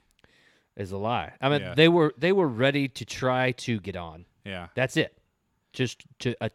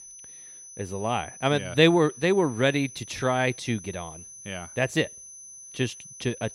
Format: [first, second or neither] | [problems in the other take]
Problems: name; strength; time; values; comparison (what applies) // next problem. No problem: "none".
first | high-pitched whine; noticeable; throughout; 6 kHz, 15 dB below the speech